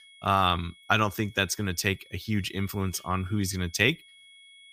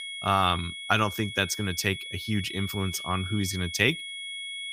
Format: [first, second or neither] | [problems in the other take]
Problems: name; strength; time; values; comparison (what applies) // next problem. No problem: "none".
first | high-pitched whine; loud; throughout; 3.5 kHz, 8 dB below the speech; faint in the first